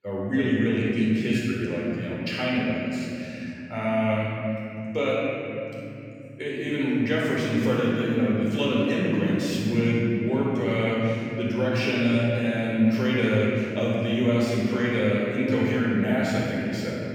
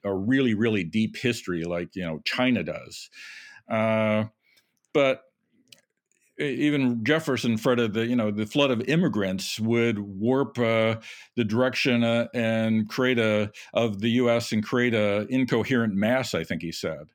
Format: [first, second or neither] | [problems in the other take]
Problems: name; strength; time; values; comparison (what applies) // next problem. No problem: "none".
second | off-mic speech; far // room echo; strong; dies away in 3 s